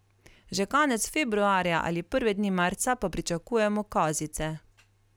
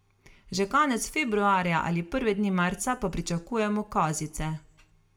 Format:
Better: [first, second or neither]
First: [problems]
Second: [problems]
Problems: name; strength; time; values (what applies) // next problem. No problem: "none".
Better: first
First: none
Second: room echo; dies away in 0.4 s